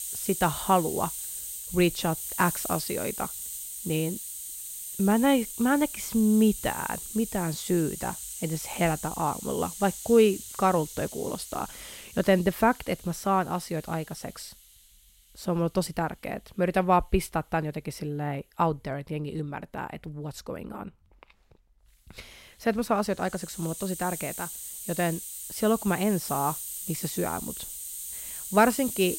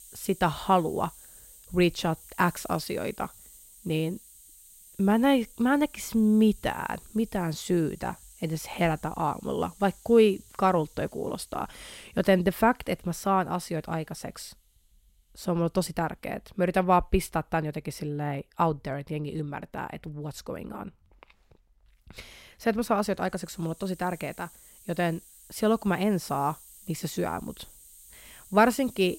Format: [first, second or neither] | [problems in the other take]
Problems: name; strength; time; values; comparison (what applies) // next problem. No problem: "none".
second | hiss; loud; throughout; 8 dB below the speech; faint in the second